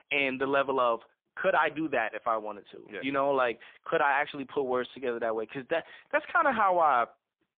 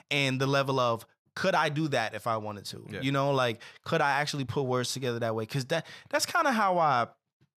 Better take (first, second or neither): second